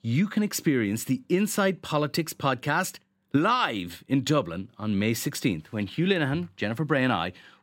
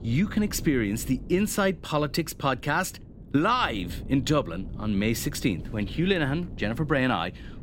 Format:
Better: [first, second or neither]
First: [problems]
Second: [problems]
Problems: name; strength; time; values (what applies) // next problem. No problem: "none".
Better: first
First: none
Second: wind noise on the microphone; occasional gusts; 20 dB below the speech